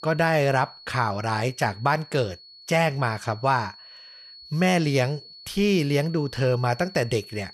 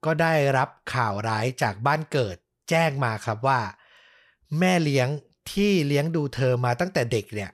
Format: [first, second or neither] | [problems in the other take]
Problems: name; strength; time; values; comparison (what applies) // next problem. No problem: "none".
second | high-pitched whine; noticeable; throughout; 4.5 kHz, 20 dB below the speech